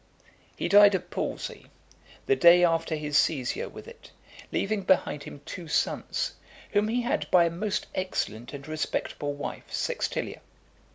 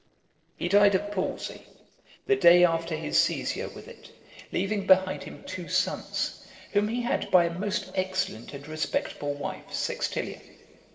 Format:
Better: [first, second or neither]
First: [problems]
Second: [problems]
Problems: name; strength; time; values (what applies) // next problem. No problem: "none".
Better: first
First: none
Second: noise reduction (neural separator model SepFormer DNS4)